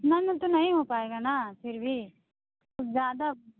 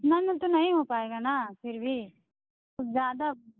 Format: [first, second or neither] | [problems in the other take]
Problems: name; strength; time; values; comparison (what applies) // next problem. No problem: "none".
first | noise reduction (neural mask model Resemble Enhance denoiser)